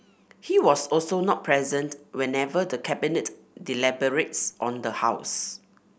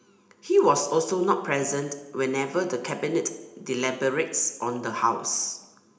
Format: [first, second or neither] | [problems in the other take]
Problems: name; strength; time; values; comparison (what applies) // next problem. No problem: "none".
first | room echo; dies away in 0.8 s